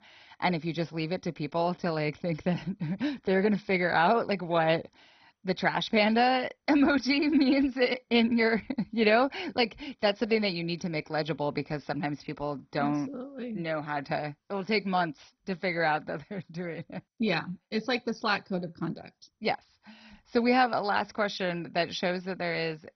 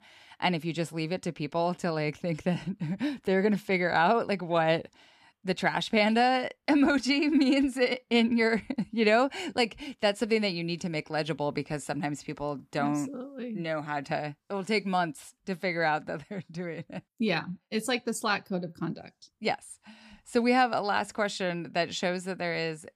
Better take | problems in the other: second | garbled, watery; badly; nothing above 5 kHz

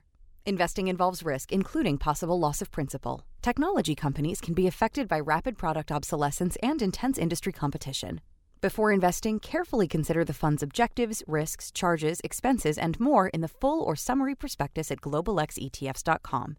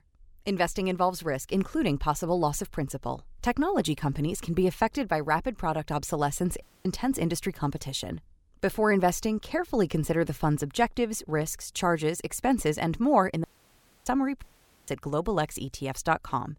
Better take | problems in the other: first | audio cutting out; at 6.5 s, at 13 s for 0.5 s and at 14 s

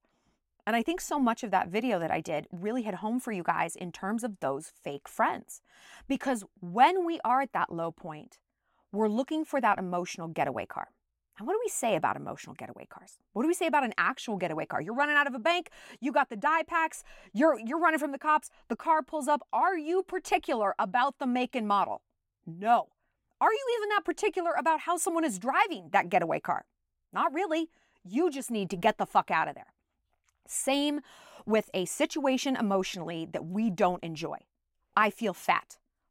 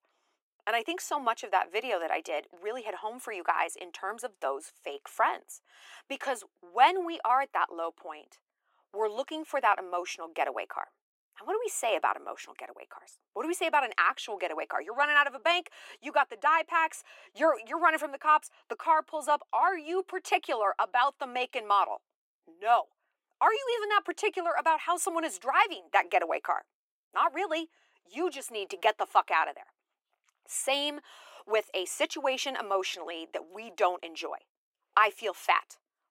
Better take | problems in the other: first | thin; very; fading below 350 Hz

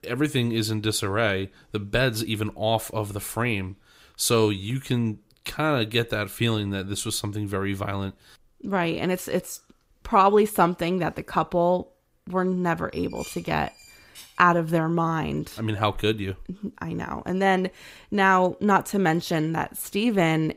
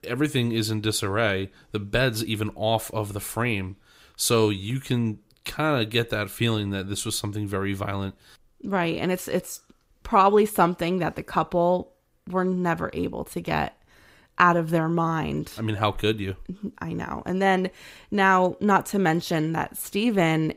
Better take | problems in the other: second | clattering dishes; faint; from 13 to 14 s; peak 15 dB below the speech

